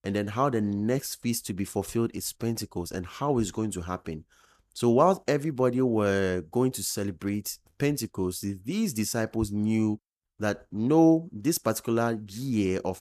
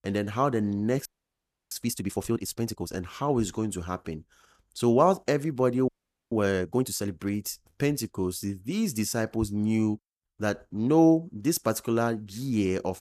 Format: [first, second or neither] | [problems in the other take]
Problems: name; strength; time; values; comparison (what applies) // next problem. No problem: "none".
first | audio freezing; at 1 s for 0.5 s and at 6 s